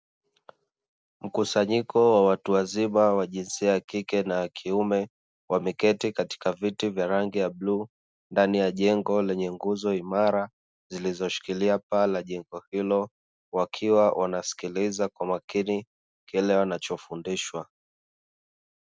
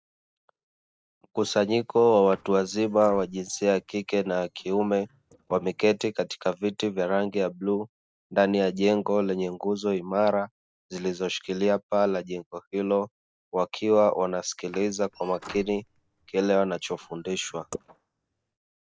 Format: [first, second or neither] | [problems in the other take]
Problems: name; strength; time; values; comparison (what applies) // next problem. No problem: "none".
first | noise reduction (neural mask model DeepFilterNet 3)